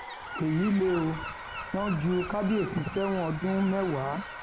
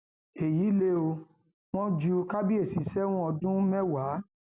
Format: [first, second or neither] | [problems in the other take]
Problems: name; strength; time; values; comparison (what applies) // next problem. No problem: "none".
second | background sound (Gull, seagull + Domestic sounds, home sounds); 10 dB below the speech